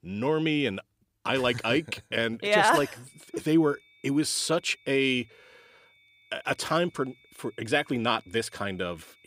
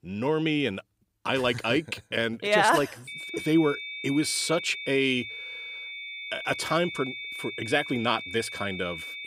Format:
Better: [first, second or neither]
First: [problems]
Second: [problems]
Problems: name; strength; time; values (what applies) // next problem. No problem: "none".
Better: first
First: high-pitched whine; faint; from 3 s on; 2.5 kHz, 30 dB below the speech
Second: high-pitched whine; loud; from 3 s on; 2.5 kHz, 9 dB below the speech